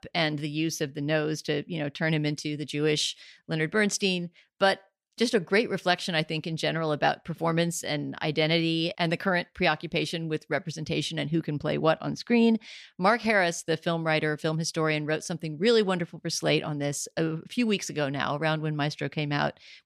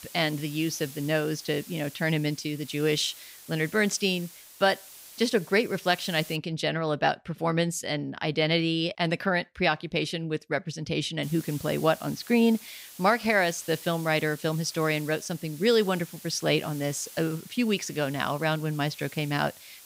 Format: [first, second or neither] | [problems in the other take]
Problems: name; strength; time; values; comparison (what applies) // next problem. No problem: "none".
first | hiss; noticeable; until 6.5 s and from 11 s on; 15 dB below the speech